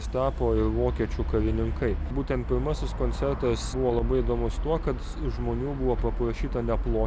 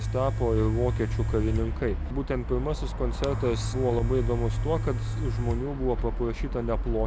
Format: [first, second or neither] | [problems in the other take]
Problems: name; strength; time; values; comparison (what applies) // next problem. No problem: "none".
first | background sound (Domestic sounds, home sounds); 6 dB below the speech